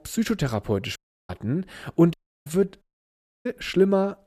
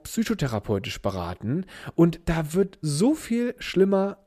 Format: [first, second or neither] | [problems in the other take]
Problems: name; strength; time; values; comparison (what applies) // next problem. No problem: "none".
second | audio cutting out; at 1 s, at 2 s and at 3 s for 0.5 s